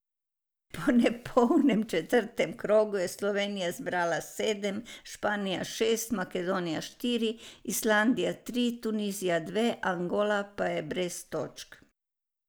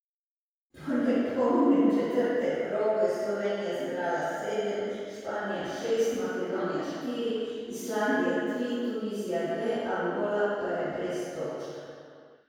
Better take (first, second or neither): first